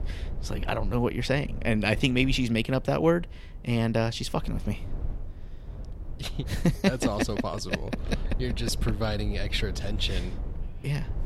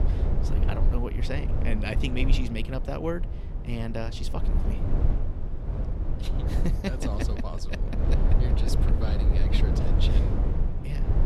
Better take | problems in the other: first | low rumble; loud; throughout; 3 dB below the speech; faint in the first

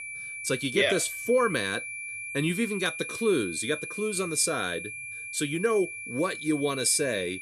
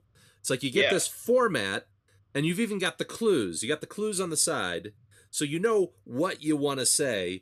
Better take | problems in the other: second | high-pitched whine; loud; throughout; 2.5 kHz, 8 dB below the speech

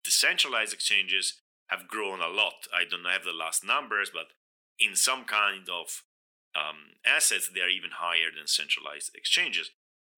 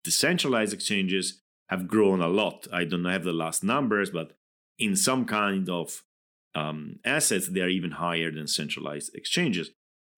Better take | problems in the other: second | thin; very; fading below 900 Hz

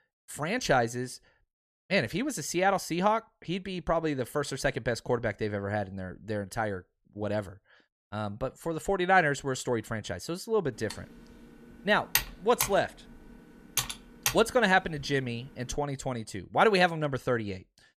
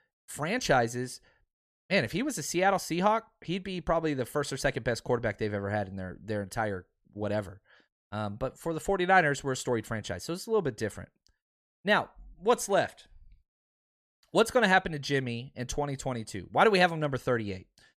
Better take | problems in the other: second | keyboard typing; loud; from 11 to 14 s; peak level with the speech

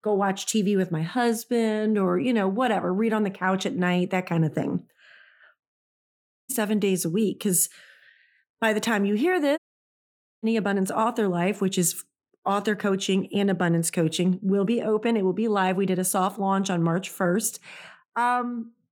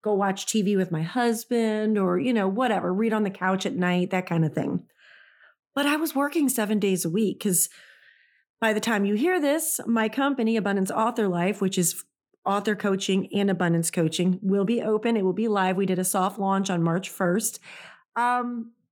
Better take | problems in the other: second | audio cutting out; at 5.5 s for 1 s and at 9.5 s for 1 s

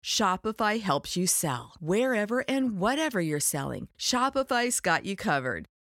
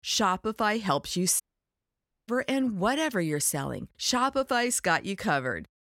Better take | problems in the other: first | audio cutting out; at 1.5 s for 1 s

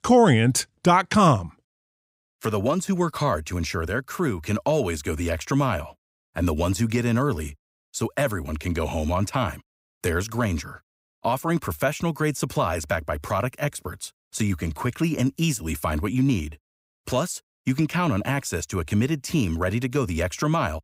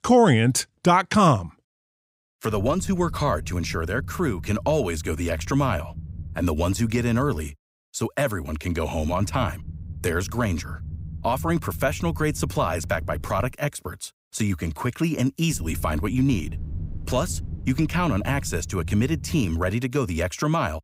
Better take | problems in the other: first | low rumble; faint; from 2.5 to 7.5 s, from 9 to 14 s and from 16 to 20 s; 25 dB below the speech

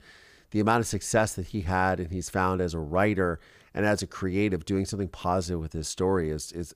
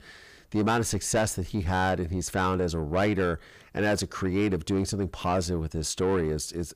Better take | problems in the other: first | distortion; slight; 10 dB below the speech

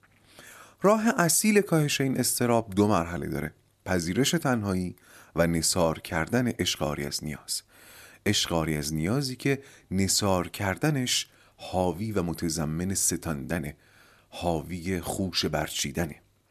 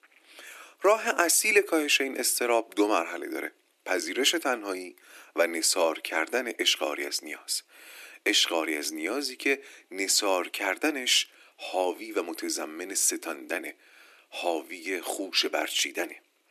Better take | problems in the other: first | thin; somewhat; fading below 300 Hz

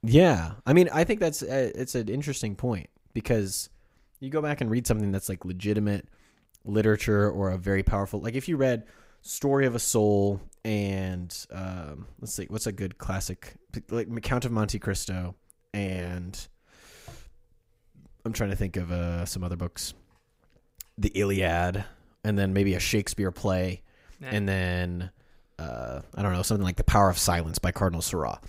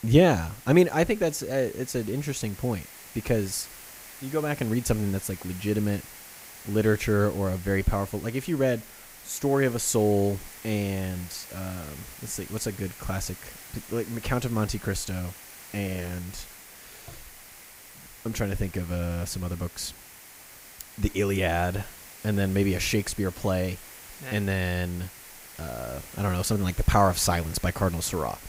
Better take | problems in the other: first | hiss; noticeable; throughout; 15 dB below the speech

